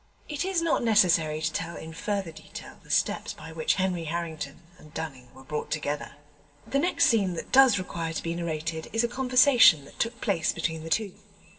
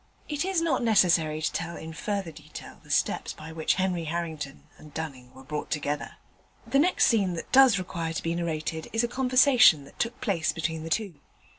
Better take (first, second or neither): second